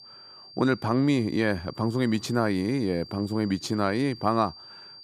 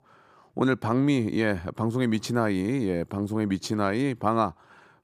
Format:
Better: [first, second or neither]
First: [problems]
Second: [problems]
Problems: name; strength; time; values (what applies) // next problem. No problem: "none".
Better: second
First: high-pitched whine; noticeable; throughout; 4.5 kHz, 20 dB below the speech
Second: none